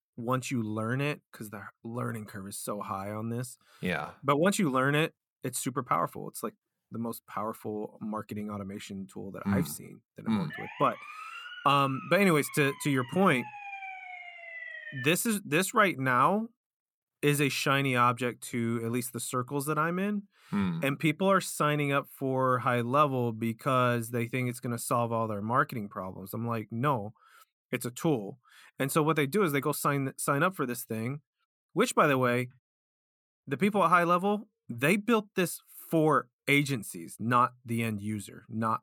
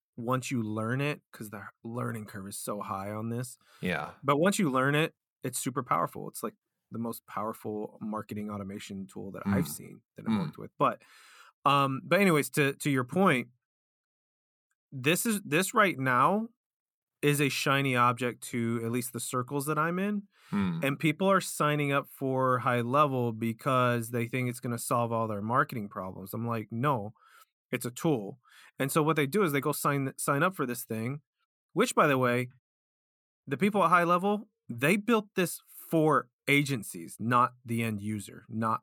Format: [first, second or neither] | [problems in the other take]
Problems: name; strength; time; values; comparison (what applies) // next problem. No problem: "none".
second | siren; faint; from 11 to 15 s; peak 10 dB below the speech